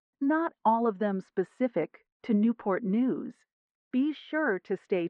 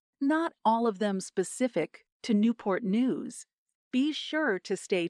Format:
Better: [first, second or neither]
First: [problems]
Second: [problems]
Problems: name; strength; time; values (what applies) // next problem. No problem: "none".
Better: second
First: muffled; very; fading above 1.5 kHz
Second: none